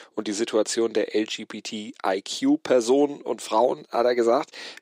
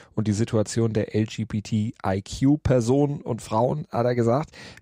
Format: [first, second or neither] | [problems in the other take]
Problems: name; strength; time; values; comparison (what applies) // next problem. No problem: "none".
second | thin; somewhat; fading below 300 Hz